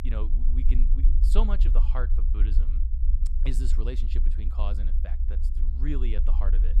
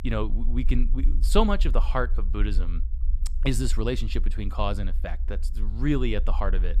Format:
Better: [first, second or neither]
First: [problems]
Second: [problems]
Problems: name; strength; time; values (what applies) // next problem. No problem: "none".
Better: second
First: low rumble; loud; throughout; 8 dB below the speech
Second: low rumble; faint; throughout; 20 dB below the speech